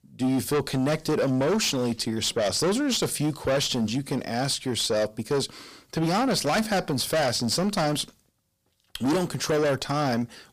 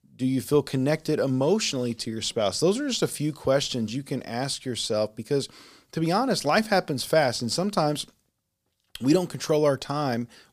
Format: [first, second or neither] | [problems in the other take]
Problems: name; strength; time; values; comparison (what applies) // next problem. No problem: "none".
second | distortion; heavy; 7 dB below the speech